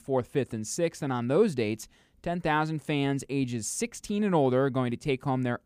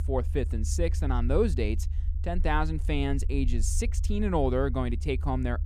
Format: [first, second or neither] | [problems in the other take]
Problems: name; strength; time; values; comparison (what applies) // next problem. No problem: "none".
first | low rumble; noticeable; throughout; 20 dB below the speech